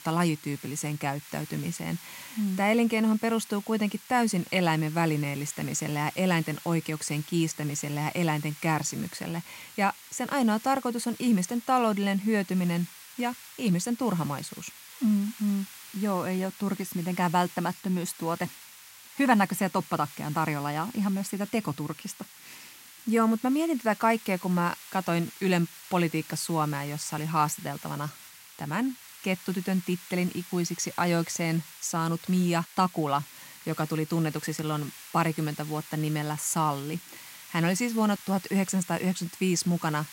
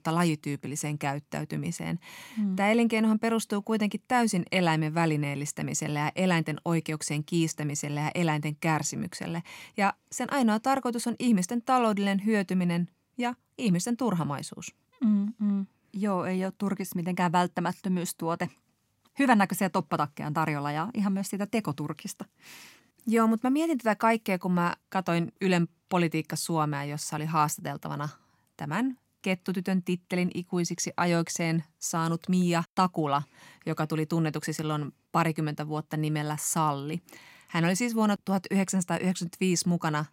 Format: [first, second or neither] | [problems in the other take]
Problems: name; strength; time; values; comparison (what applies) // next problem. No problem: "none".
second | hiss; noticeable; throughout; 15 dB below the speech